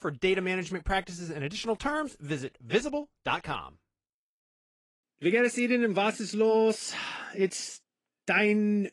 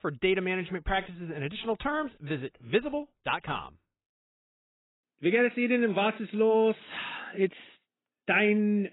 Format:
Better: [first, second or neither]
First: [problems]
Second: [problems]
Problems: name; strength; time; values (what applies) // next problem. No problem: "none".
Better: first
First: garbled, watery; slightly; nothing above 10.5 kHz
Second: garbled, watery; badly; nothing above 4 kHz